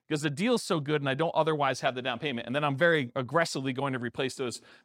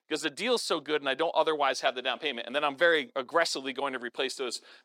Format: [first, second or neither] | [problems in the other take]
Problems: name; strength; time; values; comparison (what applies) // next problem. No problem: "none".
first | thin; somewhat; fading below 350 Hz